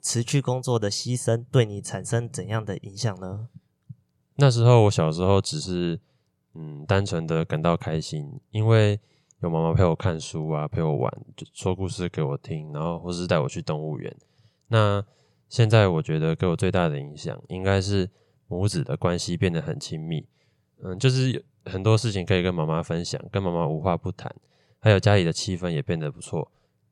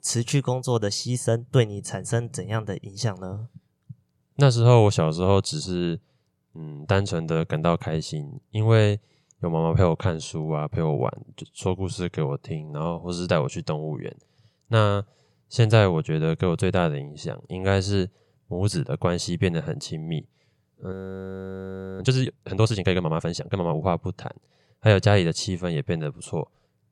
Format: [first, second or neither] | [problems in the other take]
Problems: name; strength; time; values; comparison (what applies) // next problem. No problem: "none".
first | audio freezing; at 21 s for 1 s